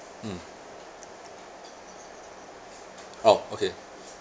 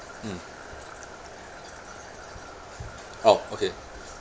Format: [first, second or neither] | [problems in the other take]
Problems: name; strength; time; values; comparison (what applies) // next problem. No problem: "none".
first | background sound (Trickle, dribble / Traffic noise, roadway noise); 15 dB below the speech